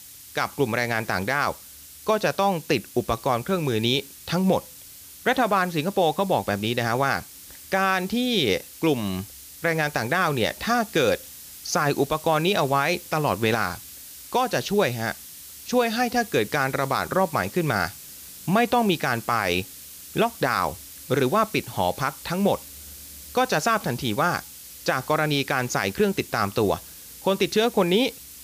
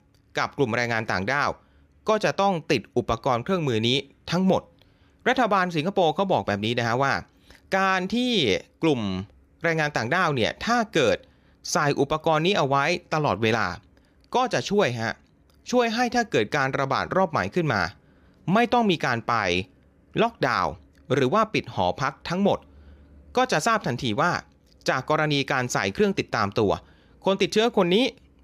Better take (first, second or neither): second